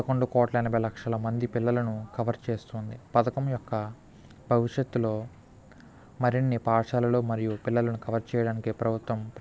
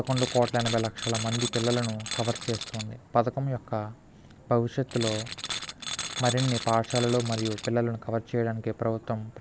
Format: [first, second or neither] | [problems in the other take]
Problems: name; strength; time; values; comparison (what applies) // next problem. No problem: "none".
first | background sound (Tools); 7 dB below the speech